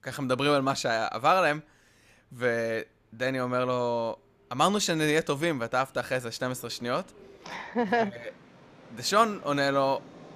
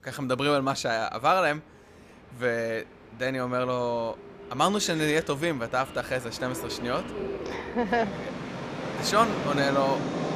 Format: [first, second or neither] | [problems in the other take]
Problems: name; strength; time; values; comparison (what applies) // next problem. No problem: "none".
first | train or aircraft noise; loud; throughout; 8 dB below the speech; faint in the first